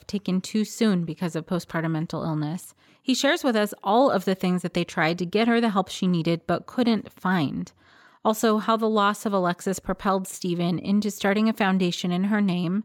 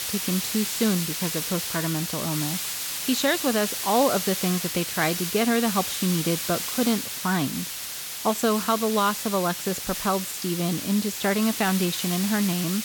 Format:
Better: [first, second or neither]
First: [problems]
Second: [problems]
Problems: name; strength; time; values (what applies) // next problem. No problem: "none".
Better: first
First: none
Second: hiss; loud; throughout; 3 dB below the speech